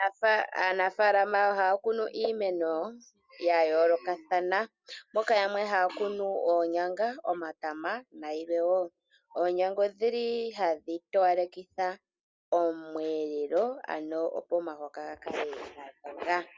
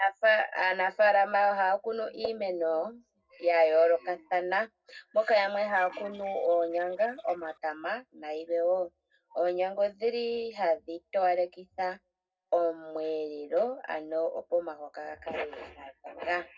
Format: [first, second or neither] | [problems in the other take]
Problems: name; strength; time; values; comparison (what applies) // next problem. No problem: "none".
first | noise reduction (neural separator model SepFormer DNS4)